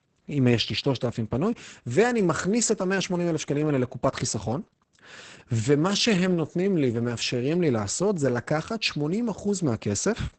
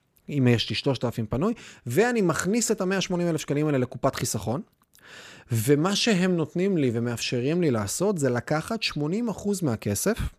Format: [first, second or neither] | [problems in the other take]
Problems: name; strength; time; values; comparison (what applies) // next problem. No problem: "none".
second | garbled, watery; badly; nothing above 8 kHz